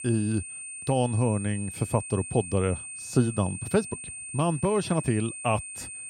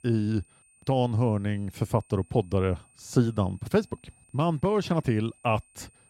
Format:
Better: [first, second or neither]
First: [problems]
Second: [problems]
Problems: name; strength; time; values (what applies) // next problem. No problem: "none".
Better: second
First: high-pitched whine; loud; throughout; 8.5 kHz, 9 dB below the speech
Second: high-pitched whine; faint; throughout; 8.5 kHz, 30 dB below the speech